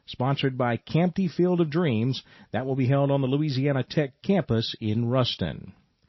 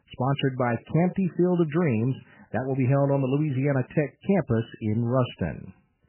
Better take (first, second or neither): first